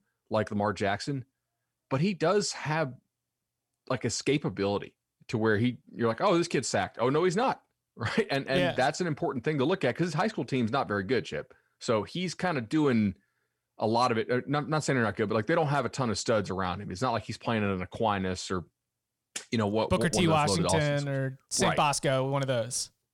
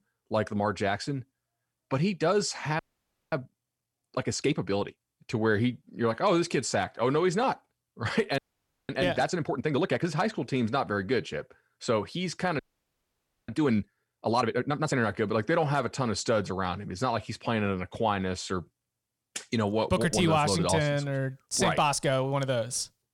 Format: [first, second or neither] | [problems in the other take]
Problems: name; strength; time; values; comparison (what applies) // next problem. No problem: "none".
first | audio freezing; at 3 s for 0.5 s, at 8.5 s for 0.5 s and at 13 s for 1 s